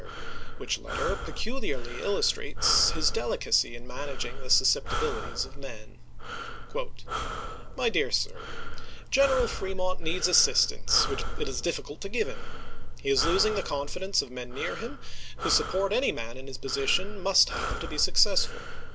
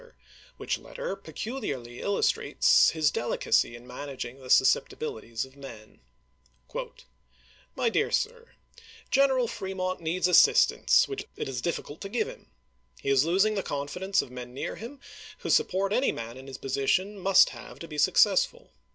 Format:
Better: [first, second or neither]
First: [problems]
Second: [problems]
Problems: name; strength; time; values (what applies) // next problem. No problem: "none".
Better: second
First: background sound (Breathing); as loud as the speech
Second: none